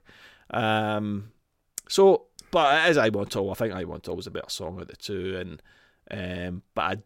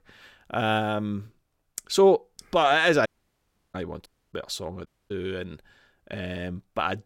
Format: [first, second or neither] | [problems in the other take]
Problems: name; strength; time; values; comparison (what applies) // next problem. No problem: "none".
first | audio cutting out; at 3 s for 0.5 s, at 4 s and at 5 s